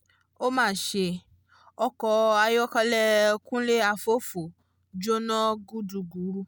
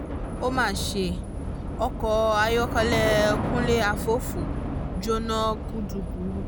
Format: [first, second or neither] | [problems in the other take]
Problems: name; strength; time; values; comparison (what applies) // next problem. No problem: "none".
first | background sound (Subway, metro, underground / Train); 3 dB below the speech